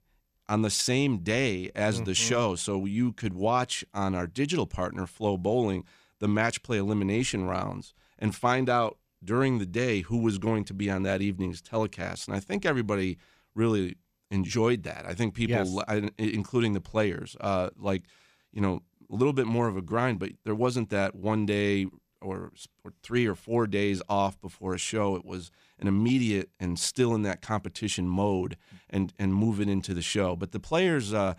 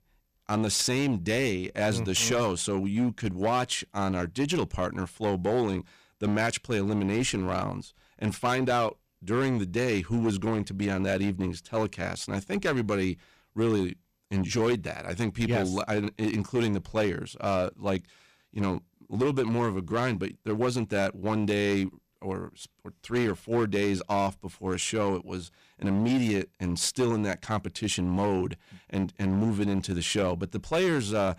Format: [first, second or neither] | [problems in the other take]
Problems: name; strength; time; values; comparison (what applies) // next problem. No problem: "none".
first | distortion; slight; 8% of the sound clipped